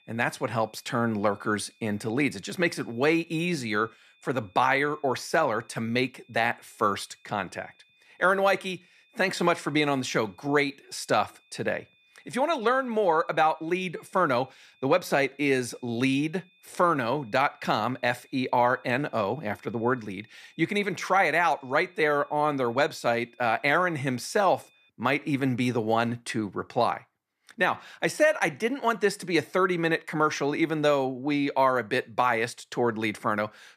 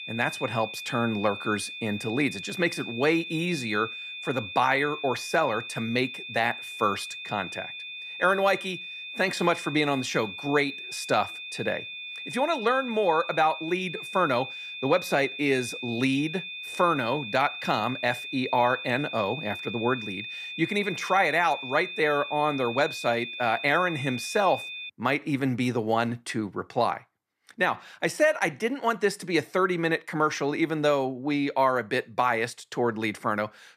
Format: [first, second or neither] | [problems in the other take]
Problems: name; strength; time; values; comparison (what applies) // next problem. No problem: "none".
first | high-pitched whine; loud; until 25 s; 2.5 kHz, 9 dB below the speech; faint in the first